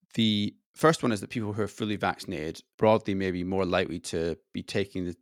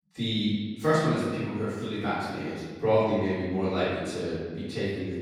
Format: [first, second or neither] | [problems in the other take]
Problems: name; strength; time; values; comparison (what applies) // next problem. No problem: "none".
first | off-mic speech; far // room echo; strong; dies away in 1.5 s